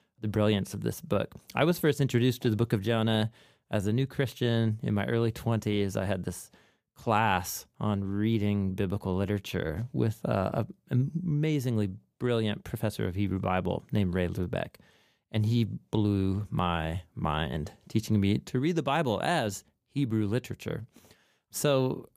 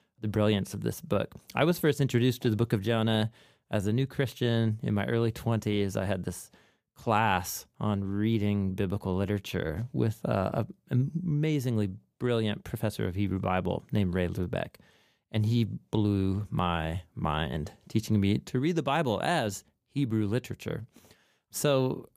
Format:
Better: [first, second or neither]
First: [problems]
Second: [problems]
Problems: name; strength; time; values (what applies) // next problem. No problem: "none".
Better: neither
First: none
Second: none